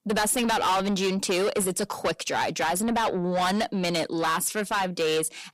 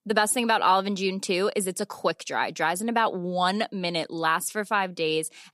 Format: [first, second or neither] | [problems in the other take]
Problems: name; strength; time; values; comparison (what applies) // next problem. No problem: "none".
second | distortion; heavy; 6 dB below the speech